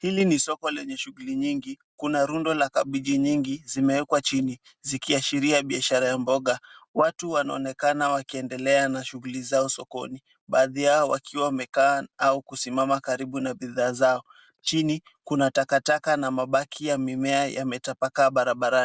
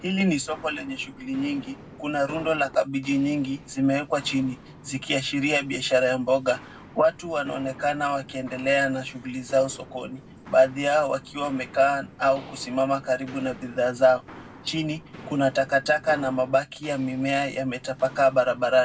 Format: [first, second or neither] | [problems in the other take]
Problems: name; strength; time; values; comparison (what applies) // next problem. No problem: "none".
first | background sound (Walk, footsteps); 19 dB below the speech // room echo; dies away in 0.3 s